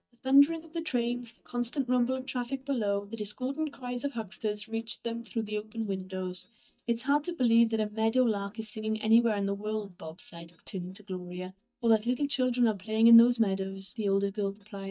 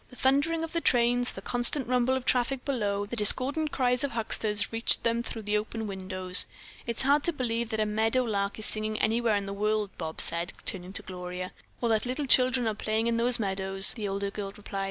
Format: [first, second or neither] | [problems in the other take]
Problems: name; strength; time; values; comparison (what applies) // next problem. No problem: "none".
second | noise reduction (neural mask model DeepFilterNet 3)